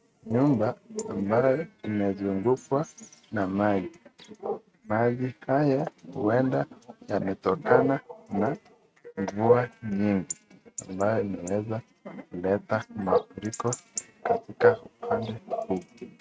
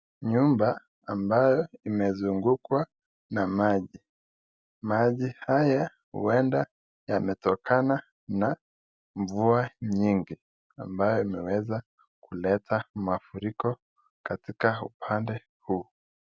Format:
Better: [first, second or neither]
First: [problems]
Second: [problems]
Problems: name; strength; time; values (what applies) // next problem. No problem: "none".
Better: second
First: noise reduction (neural mask model RNNoise)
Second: none